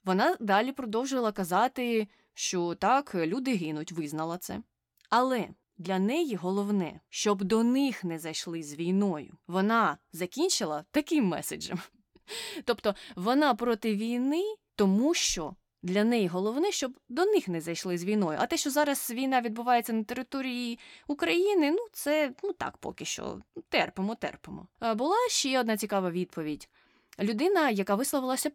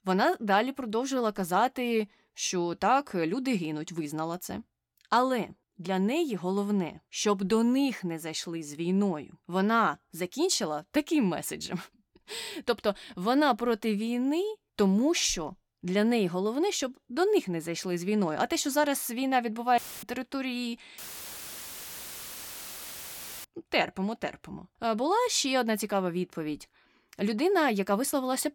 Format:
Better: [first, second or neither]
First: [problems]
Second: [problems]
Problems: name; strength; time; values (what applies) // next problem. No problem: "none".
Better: first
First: none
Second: audio cutting out; filled with static; at 20 s and at 21 s for 2.5 s